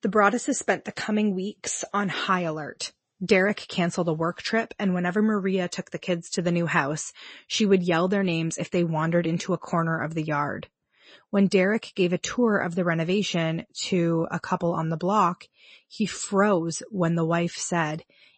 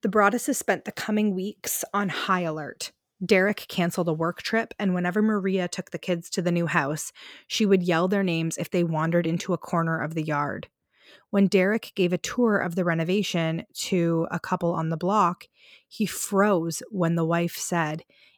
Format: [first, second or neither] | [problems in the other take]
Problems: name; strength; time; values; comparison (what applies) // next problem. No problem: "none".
second | garbled, watery; slightly; nothing above 8 kHz